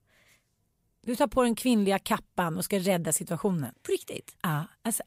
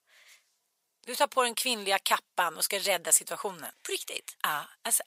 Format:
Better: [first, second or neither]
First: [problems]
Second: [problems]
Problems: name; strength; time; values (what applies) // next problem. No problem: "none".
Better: first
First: none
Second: thin; very; fading below 750 Hz